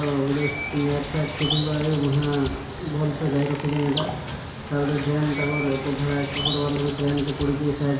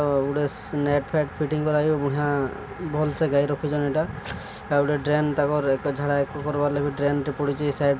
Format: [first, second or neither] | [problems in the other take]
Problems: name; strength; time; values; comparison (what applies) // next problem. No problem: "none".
second | background sound (Bird); 8 dB below the speech // room echo; dies away in 0.7 s